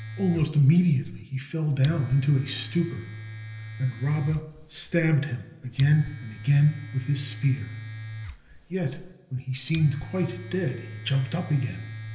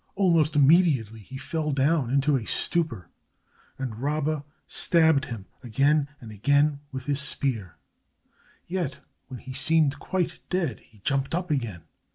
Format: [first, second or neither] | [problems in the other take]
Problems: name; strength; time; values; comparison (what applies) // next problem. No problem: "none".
second | background sound (Domestic sounds, home sounds); 13 dB below the speech // room echo; dies away in 1.4 s